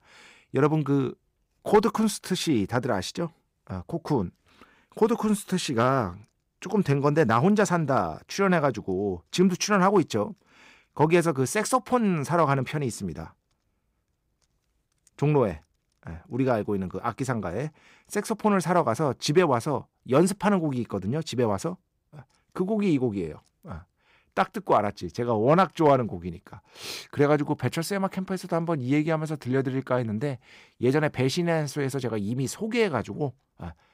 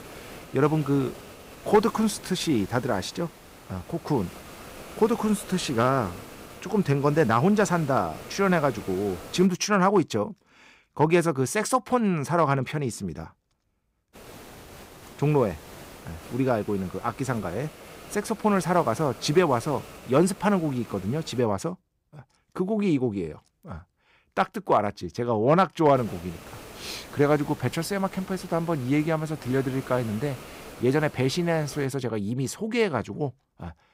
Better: first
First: none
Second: hiss; noticeable; until 9.5 s, from 14 to 21 s and from 26 to 32 s; 20 dB below the speech

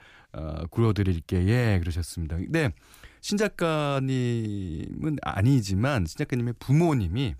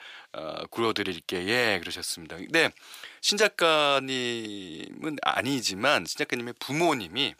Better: first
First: none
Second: thin; very; fading below 500 Hz

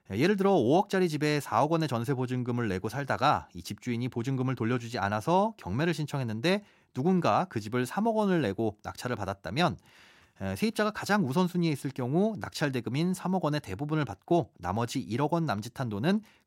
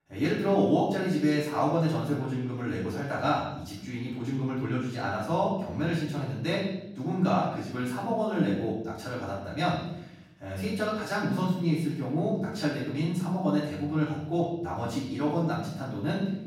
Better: first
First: none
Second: off-mic speech; far // room echo; noticeable; dies away in 0.8 s

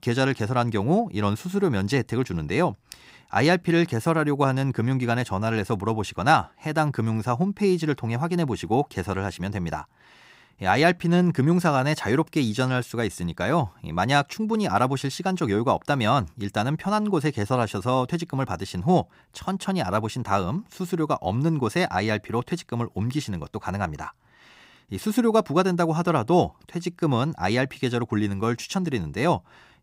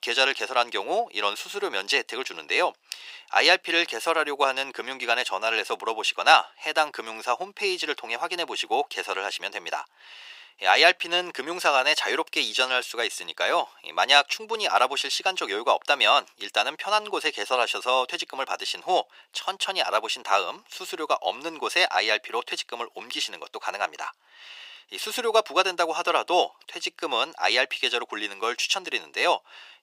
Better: first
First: none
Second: thin; very; fading below 450 Hz

